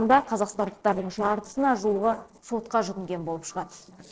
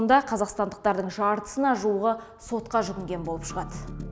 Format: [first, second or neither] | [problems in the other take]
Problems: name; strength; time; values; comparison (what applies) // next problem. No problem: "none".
second | noise reduction (neural separator model SepFormer DNS4)